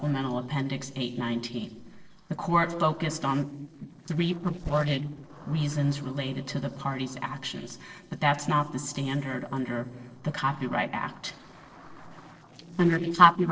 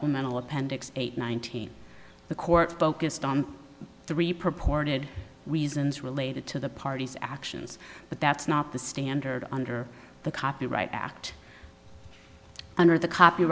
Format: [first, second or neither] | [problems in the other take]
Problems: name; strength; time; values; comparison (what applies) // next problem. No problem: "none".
second | noise reduction (neural separator model SepFormer DNS4)